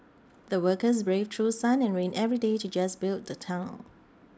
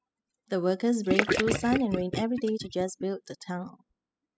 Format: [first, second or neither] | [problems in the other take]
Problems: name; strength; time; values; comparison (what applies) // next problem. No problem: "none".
first | noise reduction (classical method spectral subtraction)